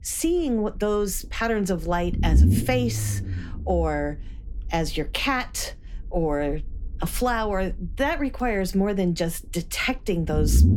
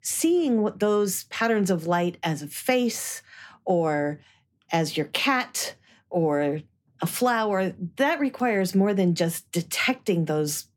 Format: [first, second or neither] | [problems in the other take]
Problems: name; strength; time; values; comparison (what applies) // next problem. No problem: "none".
second | low rumble; noticeable; throughout; 10 dB below the speech